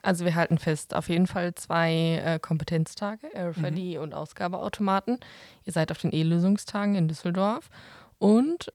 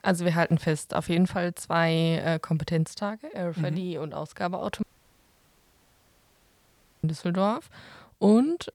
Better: first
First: none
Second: audio cutting out; at 5 s for 2 s

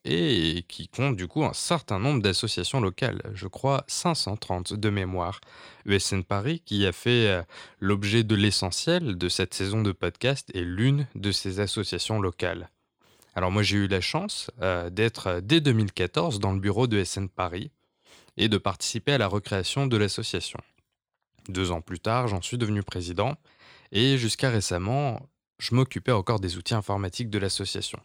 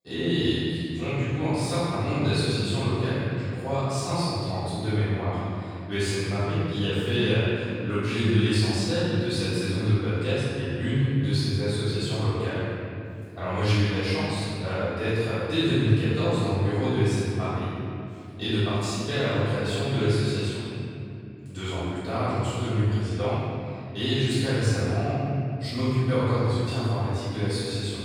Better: first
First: none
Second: room echo; strong; dies away in 3 s // off-mic speech; far

